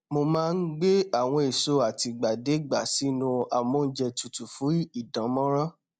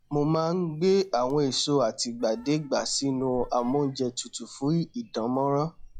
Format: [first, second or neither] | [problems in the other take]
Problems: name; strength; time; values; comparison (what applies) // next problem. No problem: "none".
first | noise reduction (classical method log-MMSE)